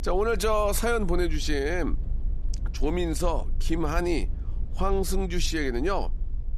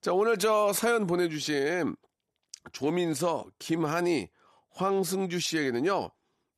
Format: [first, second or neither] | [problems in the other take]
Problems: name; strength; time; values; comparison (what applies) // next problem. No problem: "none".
second | low rumble; faint; throughout; 25 dB below the speech